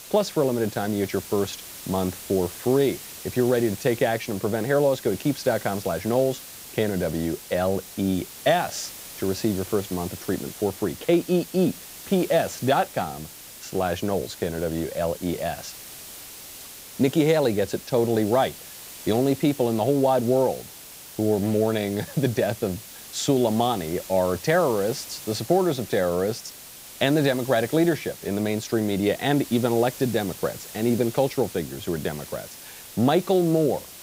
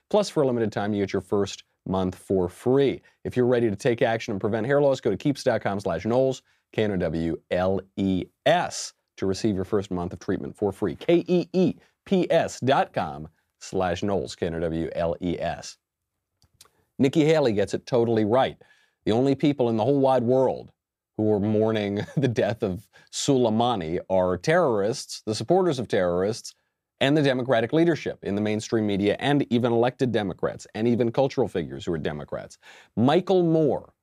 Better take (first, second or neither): second